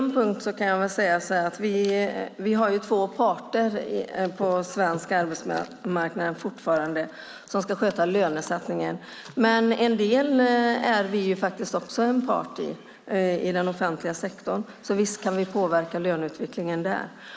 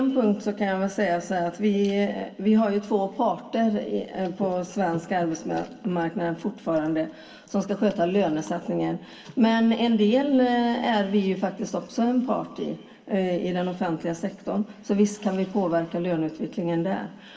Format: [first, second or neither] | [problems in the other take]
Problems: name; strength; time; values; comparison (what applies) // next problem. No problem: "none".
first | room echo; dies away in 0.2 s